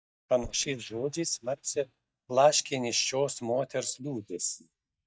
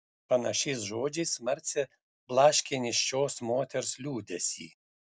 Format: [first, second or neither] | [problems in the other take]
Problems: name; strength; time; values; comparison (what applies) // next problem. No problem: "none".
second | noise reduction (neural mask model DeepFilterNet 3)